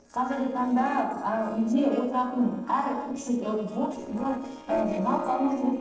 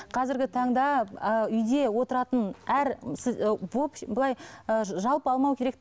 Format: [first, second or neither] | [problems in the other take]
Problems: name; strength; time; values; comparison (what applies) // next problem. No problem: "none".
second | noise reduction (neural separator model SepFormer DNS4)